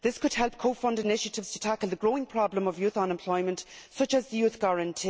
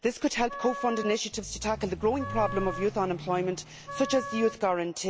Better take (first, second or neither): first